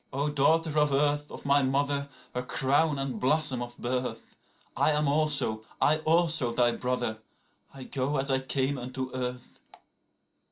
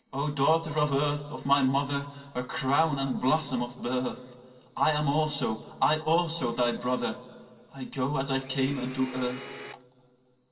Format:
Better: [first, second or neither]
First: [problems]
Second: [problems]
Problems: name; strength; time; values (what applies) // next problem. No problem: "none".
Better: first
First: none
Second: background sound (Domestic sounds, home sounds); 14 dB below the speech // room echo; dies away in 2.7 s